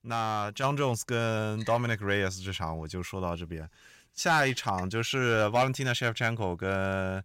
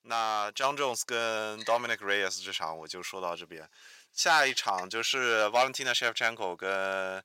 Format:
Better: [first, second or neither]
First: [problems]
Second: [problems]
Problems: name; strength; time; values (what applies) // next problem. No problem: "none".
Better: first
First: none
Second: thin; very; fading below 500 Hz